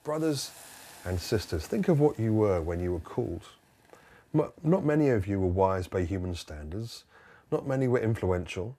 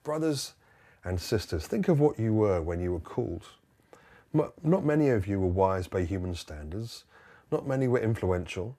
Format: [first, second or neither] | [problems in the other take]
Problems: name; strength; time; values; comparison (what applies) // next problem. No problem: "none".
second | hiss; faint; throughout; 25 dB below the speech